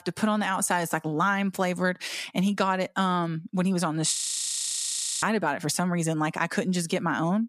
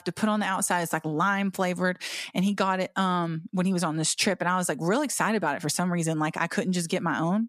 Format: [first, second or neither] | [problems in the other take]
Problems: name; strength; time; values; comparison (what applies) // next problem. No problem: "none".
second | audio freezing; at 4 s for 1 s